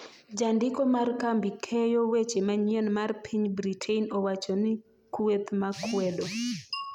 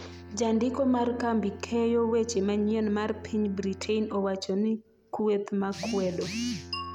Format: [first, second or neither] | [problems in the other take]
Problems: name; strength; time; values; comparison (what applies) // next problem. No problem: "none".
first | background sound (Bowed string instrument); 17 dB below the speech